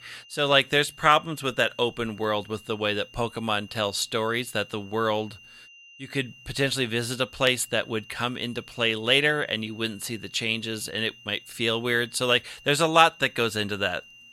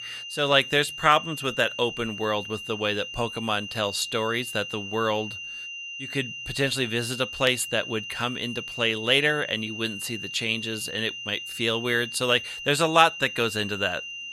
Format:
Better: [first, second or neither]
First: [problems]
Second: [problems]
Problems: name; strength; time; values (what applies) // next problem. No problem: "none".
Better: first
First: high-pitched whine; faint; throughout; 3 kHz, 25 dB below the speech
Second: high-pitched whine; loud; throughout; 3 kHz, 9 dB below the speech